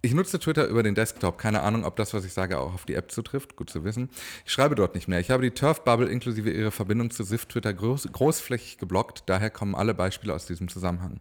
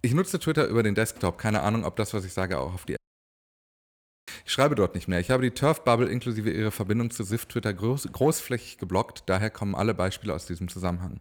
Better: first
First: none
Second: audio cutting out; at 3 s for 1.5 s

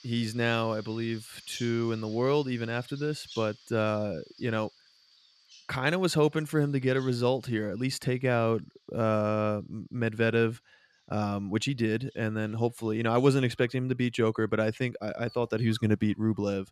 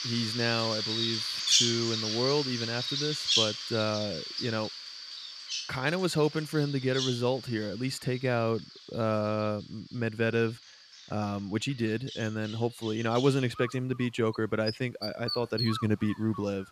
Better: first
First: animal sounds; faint; throughout; 20 dB below the speech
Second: animal sounds; loud; throughout; as loud as the speech

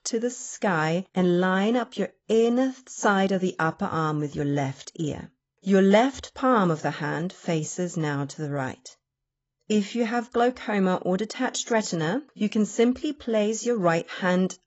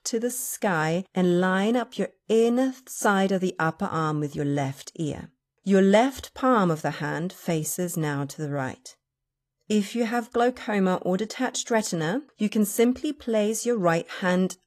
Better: second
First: garbled, watery; badly; nothing above 7.5 kHz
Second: garbled, watery; slightly; nothing above 14 kHz

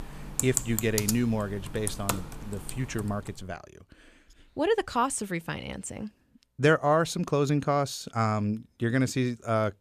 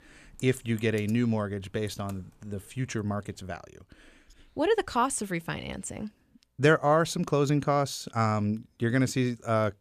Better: second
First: household noises; loud; until 3 s; 5 dB below the speech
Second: household noises; faint; until 3 s; 25 dB below the speech

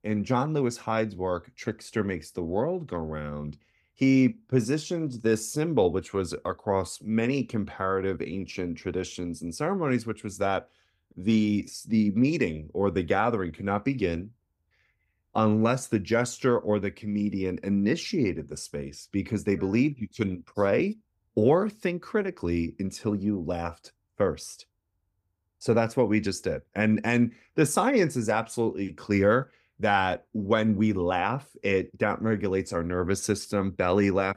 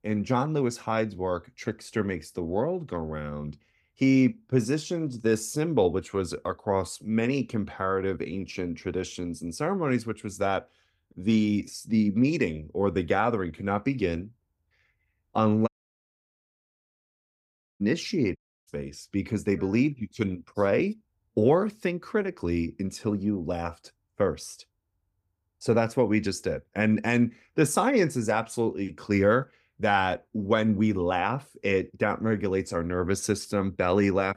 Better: first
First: none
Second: audio cutting out; at 16 s for 2 s and at 18 s

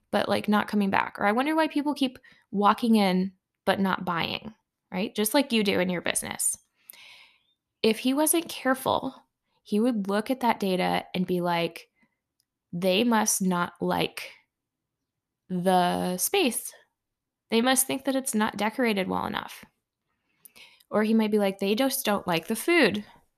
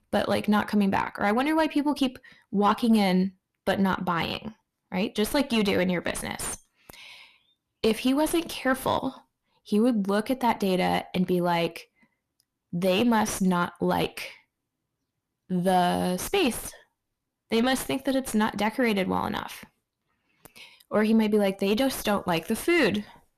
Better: first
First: none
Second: distortion; slight; 9 dB below the speech

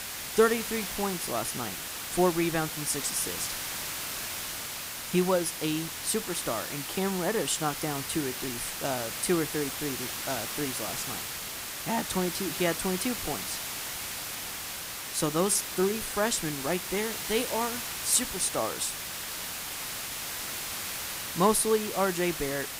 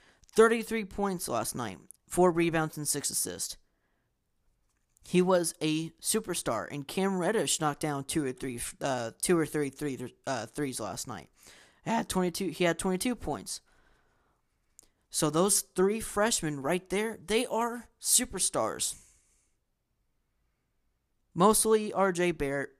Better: second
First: hiss; loud; throughout; 4 dB below the speech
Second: none

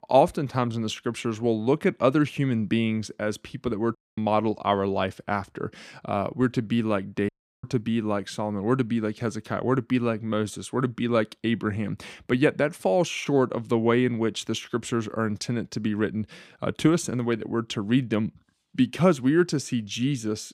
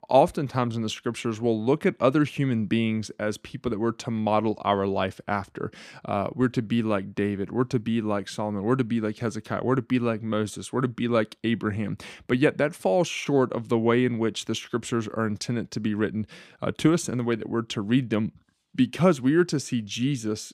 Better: second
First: audio cutting out; at 4 s and at 7.5 s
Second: none

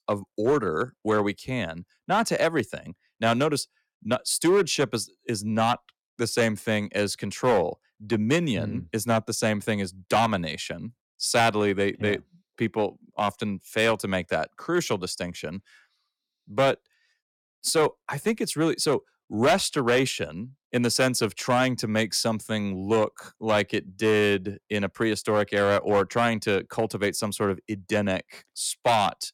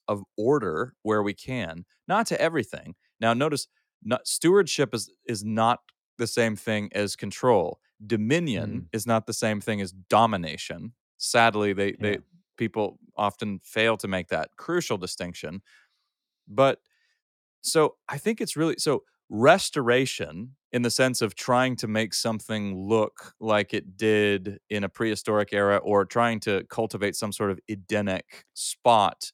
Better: second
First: distortion; slight; 4% of the sound clipped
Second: none

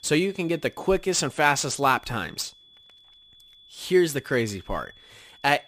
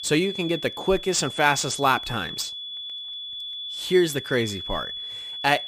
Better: first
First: high-pitched whine; faint; throughout; 3.5 kHz, 25 dB below the speech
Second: high-pitched whine; loud; throughout; 3.5 kHz, 8 dB below the speech

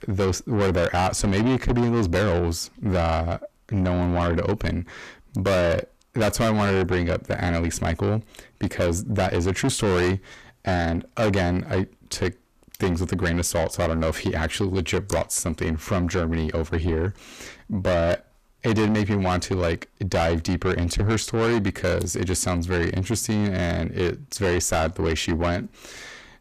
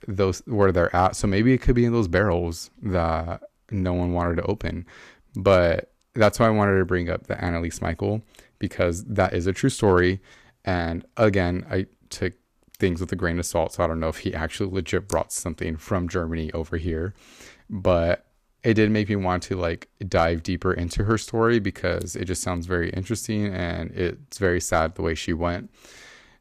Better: second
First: distortion; heavy; 6 dB below the speech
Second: none

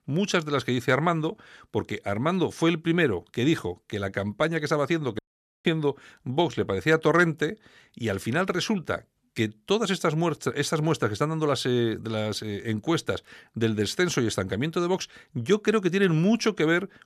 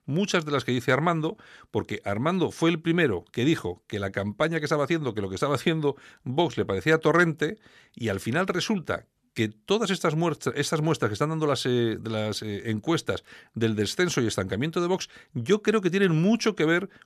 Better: second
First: audio cutting out; at 5 s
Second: none

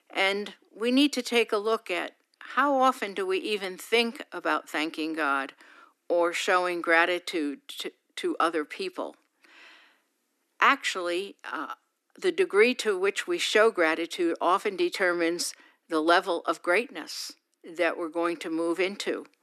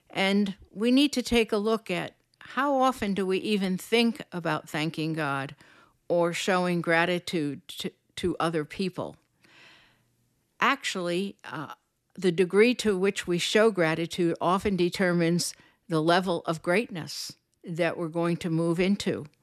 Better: second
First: thin; somewhat; fading below 250 Hz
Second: none

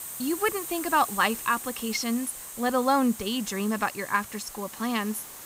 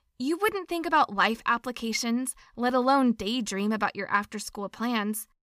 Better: second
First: hiss; loud; throughout; 9 dB below the speech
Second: none

